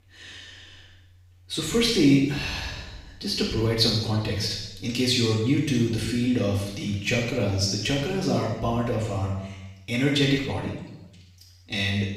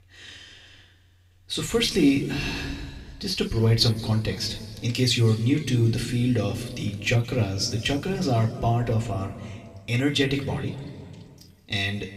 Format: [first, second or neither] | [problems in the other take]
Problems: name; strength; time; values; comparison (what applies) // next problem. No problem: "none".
second | room echo; strong; dies away in 0.8 s; slight in the second // off-mic speech; far; somewhat distant in the second